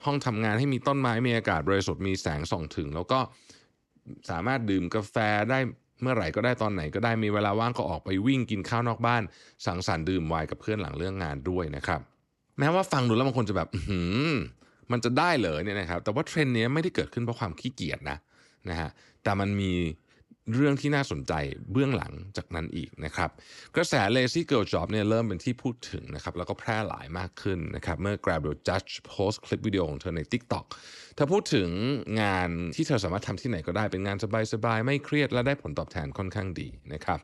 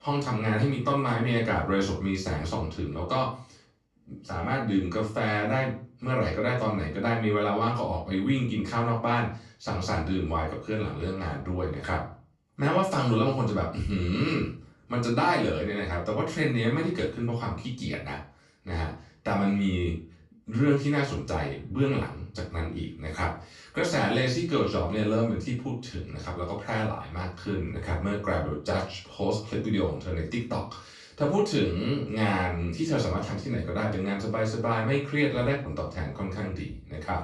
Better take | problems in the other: first | off-mic speech; far // room echo; slight; dies away in 0.3 s

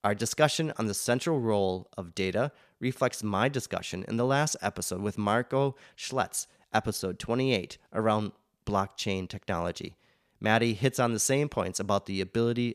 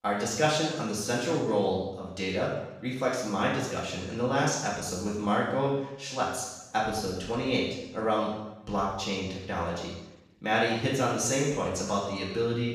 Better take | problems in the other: first | room echo; strong; dies away in 0.9 s // off-mic speech; far

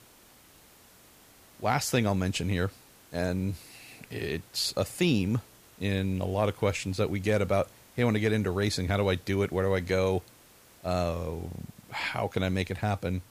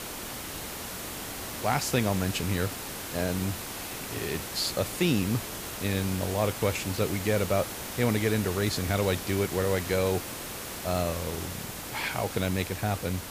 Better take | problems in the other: first | hiss; loud; throughout; 6 dB below the speech; faint in the first

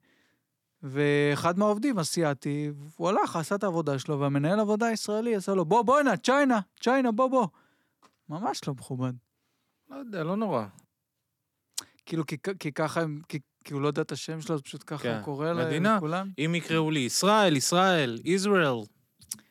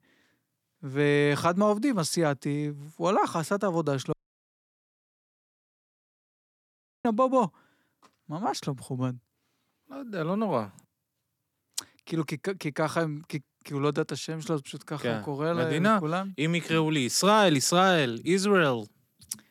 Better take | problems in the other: first | audio cutting out; at 4 s for 3 s

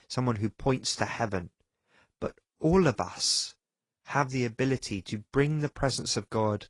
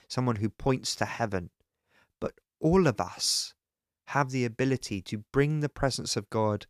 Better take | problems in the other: second | garbled, watery; slightly

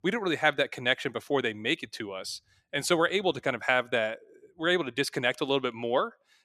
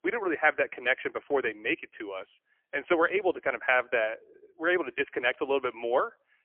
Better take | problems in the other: first | phone-call audio; poor line; nothing above 3 kHz

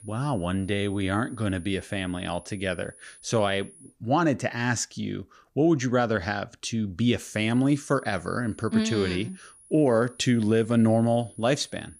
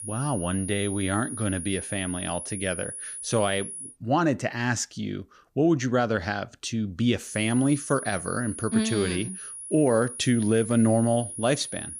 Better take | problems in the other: first | high-pitched whine; loud; until 4 s and from 7.5 s on; 10.5 kHz, 9 dB below the speech; faint in the first

